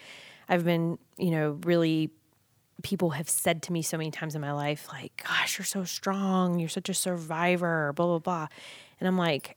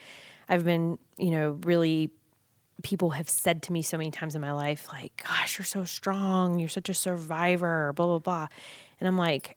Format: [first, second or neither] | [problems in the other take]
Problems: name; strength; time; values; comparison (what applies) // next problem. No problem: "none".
first | garbled, watery; slightly